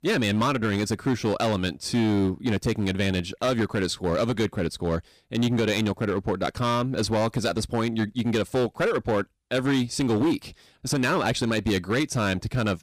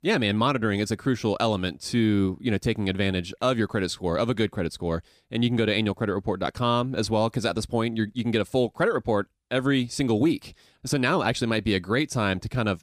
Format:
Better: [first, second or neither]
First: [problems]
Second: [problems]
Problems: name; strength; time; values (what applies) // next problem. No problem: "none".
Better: second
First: distortion; slight; 11% of the sound clipped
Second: none